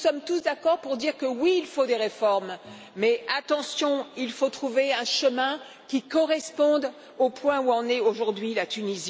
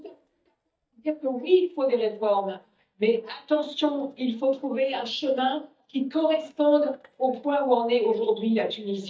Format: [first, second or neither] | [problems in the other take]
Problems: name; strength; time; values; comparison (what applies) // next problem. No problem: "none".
first | noise reduction (neural mask model DeepFilterNet 3)